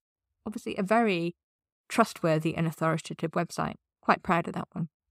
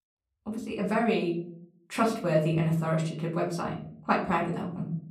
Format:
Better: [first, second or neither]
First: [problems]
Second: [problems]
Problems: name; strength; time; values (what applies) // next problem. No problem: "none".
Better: first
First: none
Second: off-mic speech; far // room echo; slight; dies away in 0.5 s